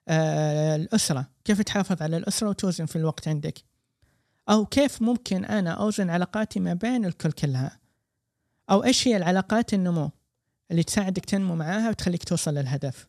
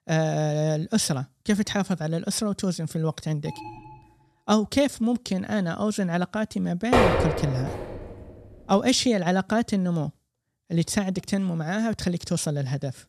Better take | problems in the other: first | alarm; faint; at 3.5 s; peak 15 dB below the speech // door banging; loud; from 7 to 8 s; peak 5 dB above the speech

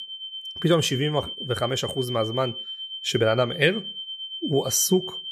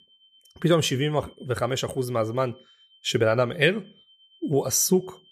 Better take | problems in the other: second | high-pitched whine; loud; throughout; 3 kHz, 8 dB below the speech; faint in the second

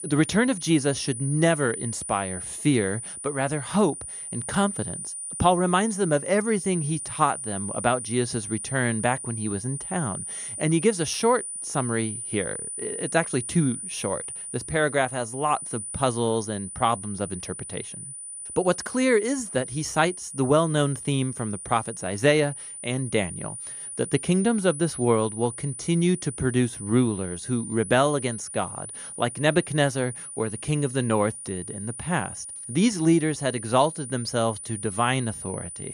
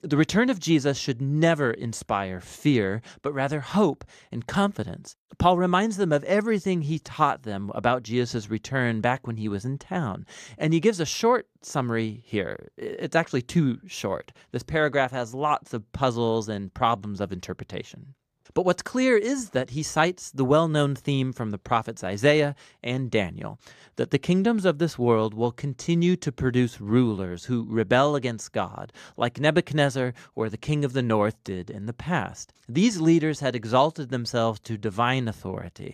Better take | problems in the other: second | high-pitched whine; loud; throughout; 9.5 kHz, 8 dB below the speech

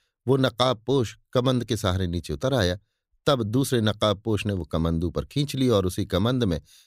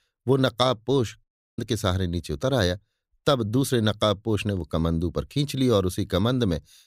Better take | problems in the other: first | audio cutting out; at 1 s

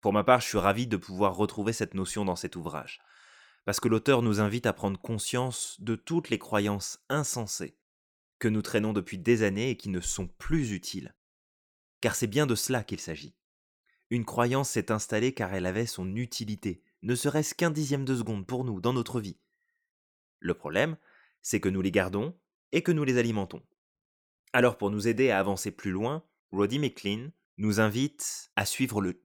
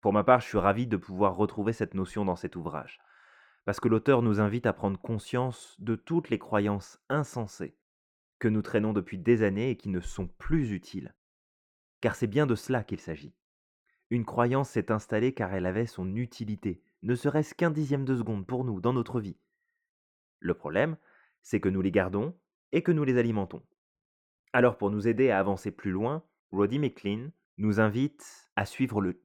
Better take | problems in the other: first | muffled; very; fading above 3 kHz

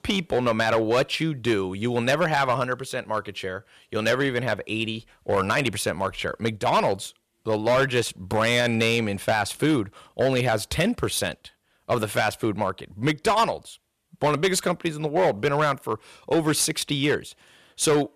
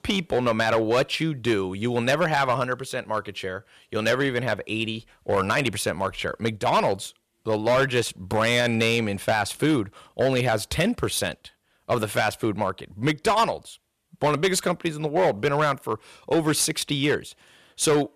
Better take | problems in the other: neither | distortion; slight; 6% of the sound clipped; the same in both

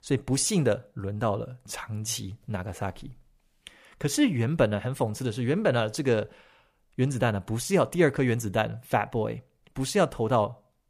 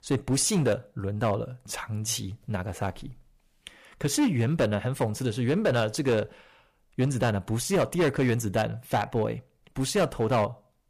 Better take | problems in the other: first | distortion; slight; 6% of the sound clipped

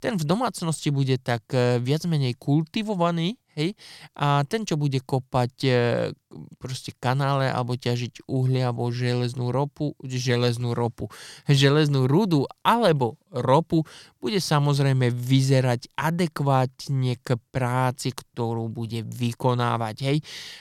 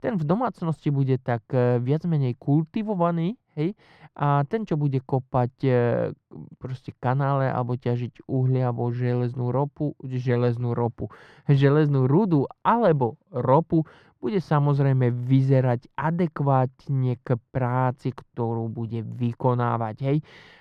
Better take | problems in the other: first | muffled; very; fading above 3 kHz

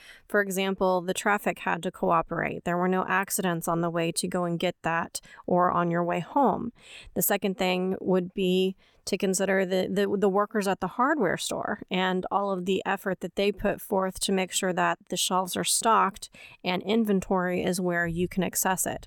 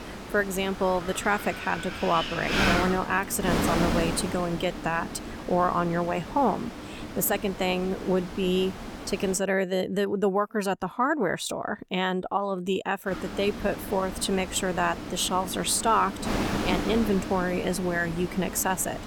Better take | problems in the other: first | wind noise on the microphone; heavy; until 9.5 s and from 13 s on; 6 dB below the speech

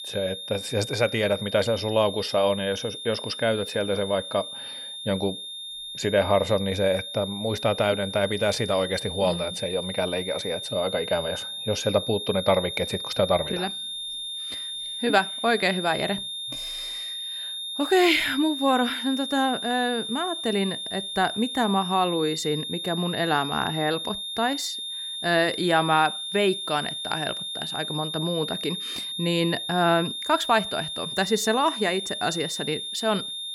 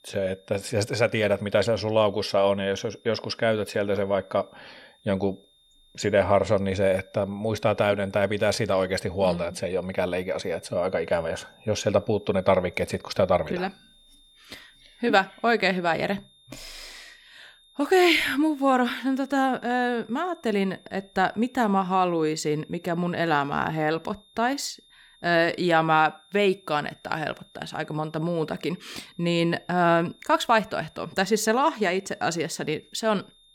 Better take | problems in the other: second | high-pitched whine; loud; throughout; 3.5 kHz, 6 dB below the speech; faint in the second

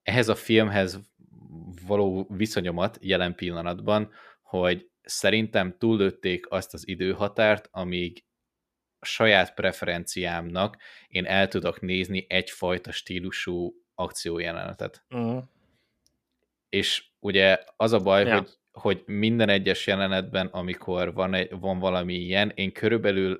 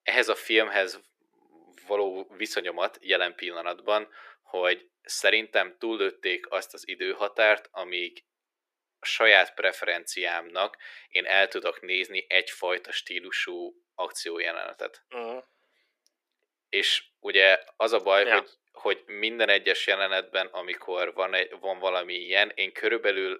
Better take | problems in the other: first | thin; very; fading below 350 Hz

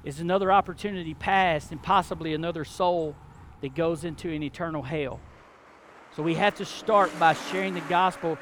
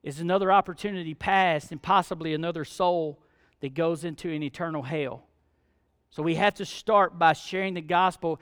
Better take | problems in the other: second | traffic noise; noticeable; throughout; 15 dB below the speech

